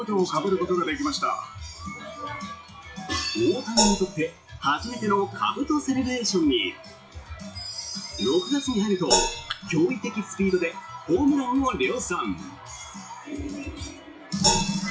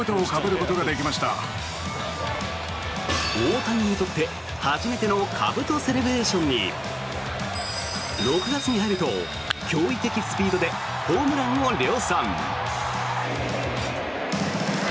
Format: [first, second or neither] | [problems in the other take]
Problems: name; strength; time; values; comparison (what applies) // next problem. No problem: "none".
second | noise reduction (classical method WPE with log-MMSE)